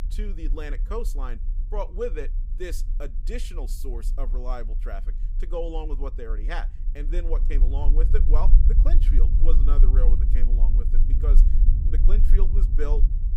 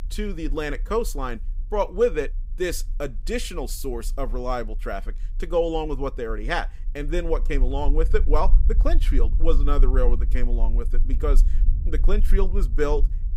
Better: second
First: low rumble; loud; throughout; 10 dB below the speech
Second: low rumble; faint; throughout; 20 dB below the speech

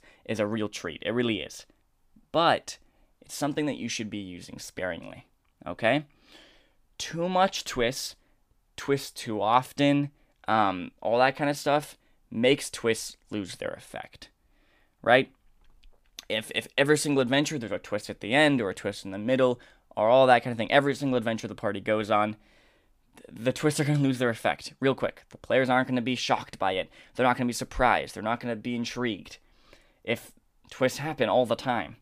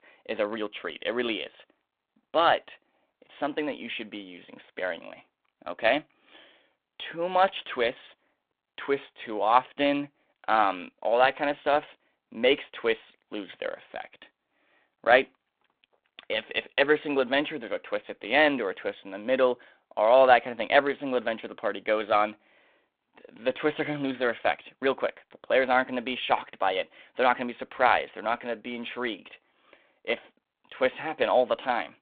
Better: first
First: none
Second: phone-call audio; nothing above 3.5 kHz

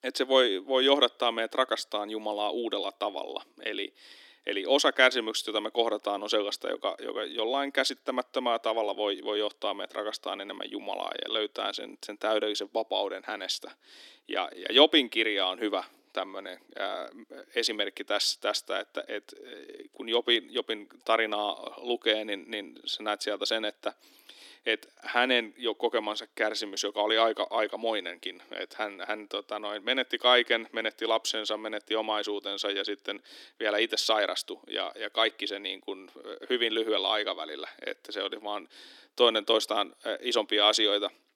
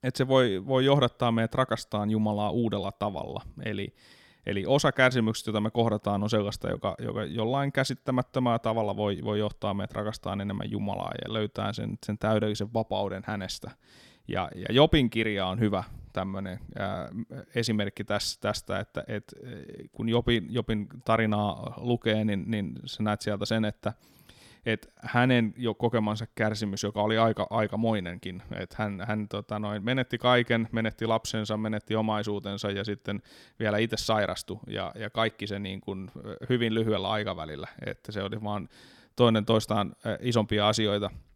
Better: second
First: thin; somewhat; fading below 300 Hz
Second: none

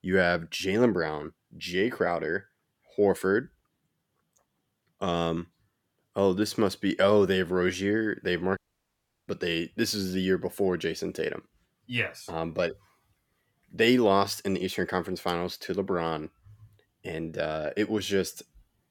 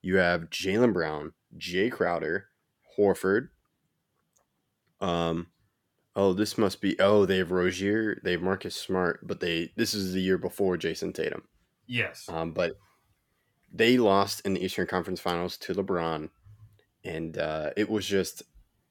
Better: second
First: audio cutting out; at 8.5 s for 0.5 s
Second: none

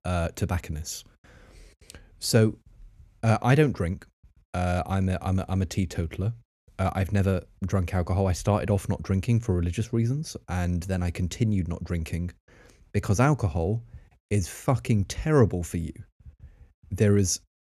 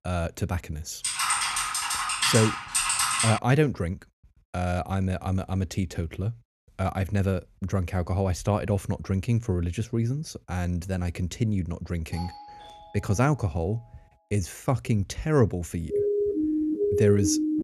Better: first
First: none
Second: keyboard typing; loud; from 1 to 3.5 s; peak 5 dB above the speech // doorbell; faint; from 12 to 14 s; peak 15 dB below the speech // siren; loud; from 16 s on; peak 3 dB above the speech

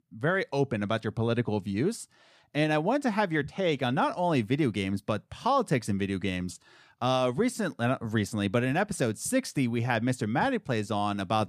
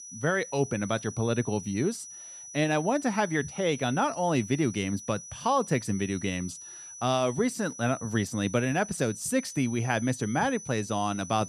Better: first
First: none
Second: high-pitched whine; noticeable; throughout; 6 kHz, 15 dB below the speech

